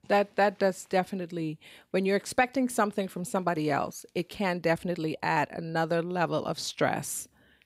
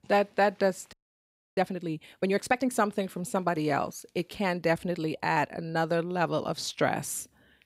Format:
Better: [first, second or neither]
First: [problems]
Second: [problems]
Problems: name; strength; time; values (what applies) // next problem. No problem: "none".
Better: first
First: none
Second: audio freezing; at 1 s for 0.5 s